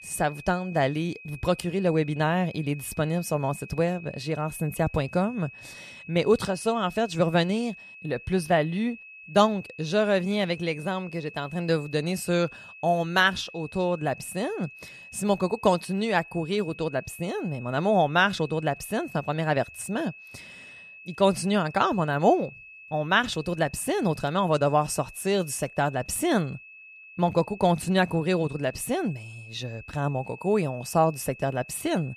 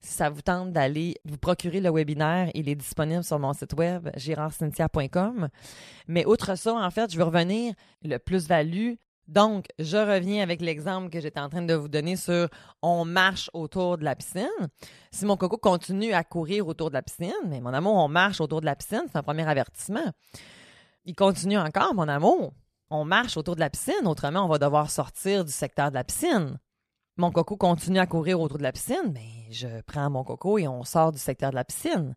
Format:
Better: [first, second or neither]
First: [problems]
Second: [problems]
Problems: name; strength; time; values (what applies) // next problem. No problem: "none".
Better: second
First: high-pitched whine; noticeable; throughout; 2.5 kHz, 20 dB below the speech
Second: none